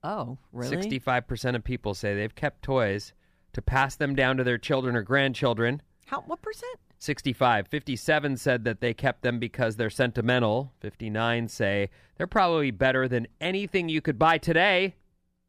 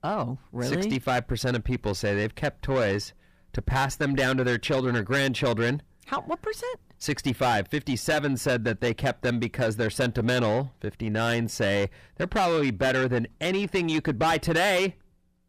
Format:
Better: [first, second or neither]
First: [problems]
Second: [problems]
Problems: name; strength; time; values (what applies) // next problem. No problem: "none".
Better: first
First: none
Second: distortion; heavy; 8 dB below the speech